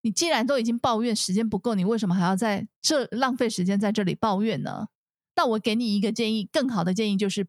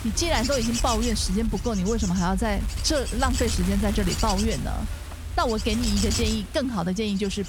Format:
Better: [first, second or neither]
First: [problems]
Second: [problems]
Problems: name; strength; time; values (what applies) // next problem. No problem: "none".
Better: first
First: none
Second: wind noise on the microphone; heavy; 6 dB below the speech